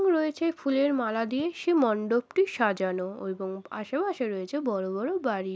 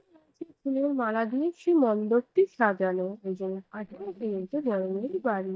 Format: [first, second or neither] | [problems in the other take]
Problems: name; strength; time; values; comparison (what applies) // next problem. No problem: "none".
first | noise reduction (neural mask model DeepFilterNet 3)